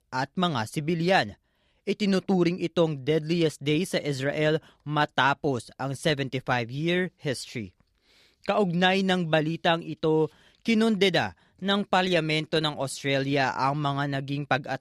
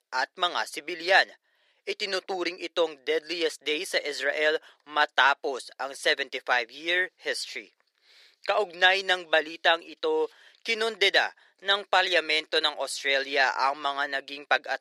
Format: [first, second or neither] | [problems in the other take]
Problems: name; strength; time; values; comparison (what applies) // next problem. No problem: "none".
first | thin; very; fading below 400 Hz